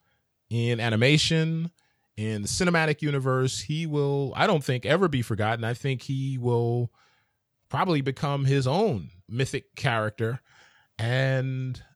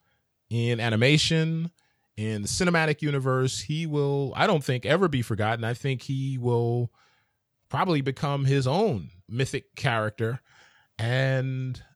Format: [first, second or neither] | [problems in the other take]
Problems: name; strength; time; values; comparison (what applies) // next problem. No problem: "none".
neither | none